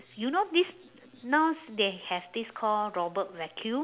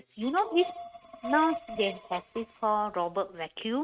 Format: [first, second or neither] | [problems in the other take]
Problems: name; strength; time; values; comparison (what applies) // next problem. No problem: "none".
first | noise reduction (neural mask model RNNoise)